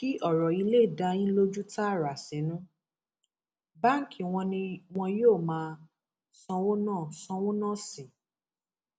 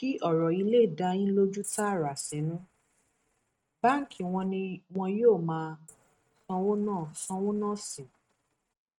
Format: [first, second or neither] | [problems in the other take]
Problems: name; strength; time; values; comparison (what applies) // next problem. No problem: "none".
first | noise reduction (neural mask model RNNoise)